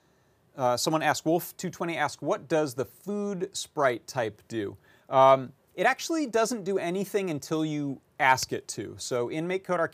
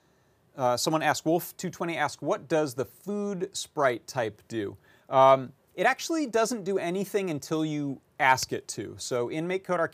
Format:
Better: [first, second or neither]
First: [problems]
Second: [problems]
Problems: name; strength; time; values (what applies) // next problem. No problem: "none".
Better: neither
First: none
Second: none